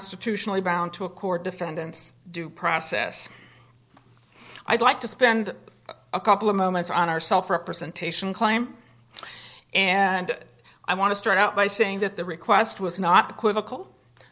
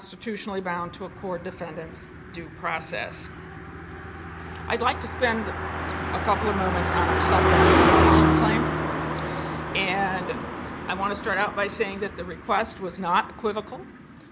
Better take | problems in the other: first | background sound (Car passing by); 4 dB above the speech

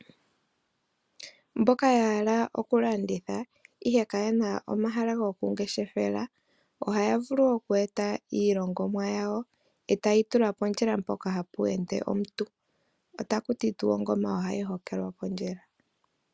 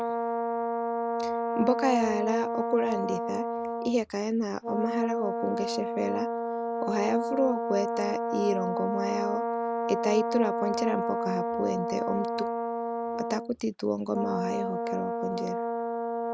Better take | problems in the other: first | background sound (Brass instrument); as loud as the speech

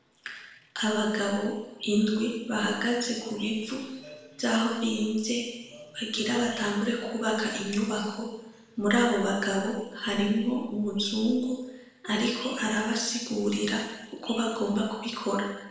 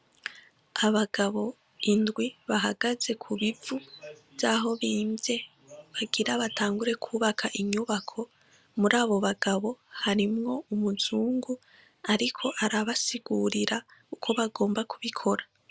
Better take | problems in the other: second | room echo; dies away in 1 s

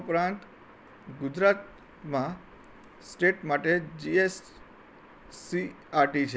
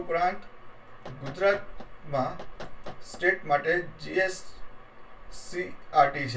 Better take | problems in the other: first | background sound (Knock); 17 dB below the speech // room echo; dies away in 0.2 s

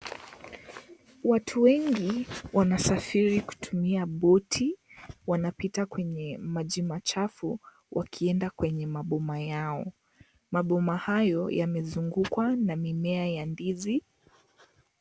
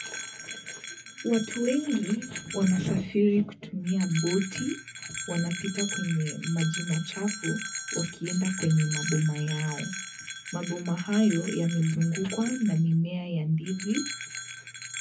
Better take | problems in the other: first | background sound (Bell); 10 dB below the speech // room echo; dies away in 0.4 s

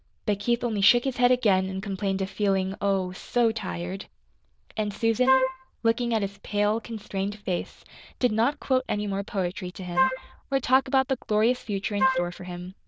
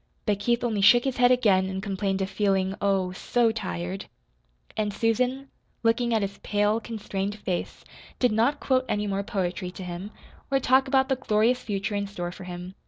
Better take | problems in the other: second | noise reduction (neural diffusion model UNIVERSE++)

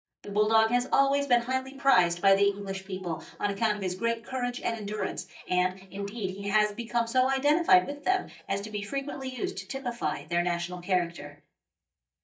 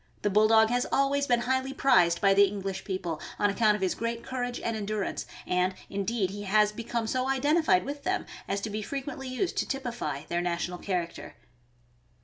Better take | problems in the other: second | noise reduction (neural mask model DeepFilterNet 3)

